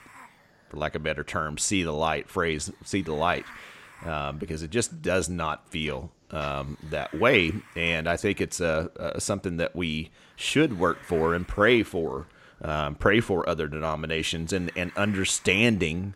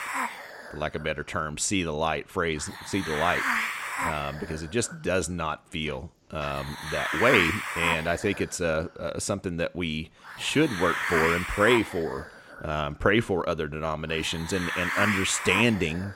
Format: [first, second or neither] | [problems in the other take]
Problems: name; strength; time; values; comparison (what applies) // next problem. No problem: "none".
first | hiss; loud; throughout; 2 dB below the speech; faint in the first